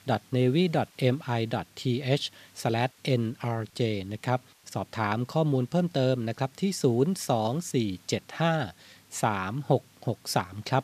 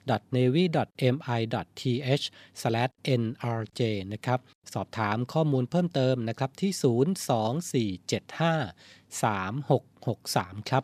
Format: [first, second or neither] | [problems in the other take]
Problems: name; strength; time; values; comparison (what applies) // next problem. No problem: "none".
second | hiss; faint; throughout; 30 dB below the speech